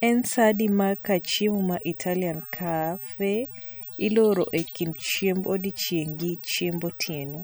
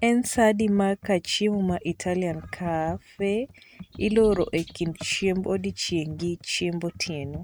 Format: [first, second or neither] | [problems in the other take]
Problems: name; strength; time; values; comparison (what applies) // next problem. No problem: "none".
first | noise reduction (neural mask model RNNoise)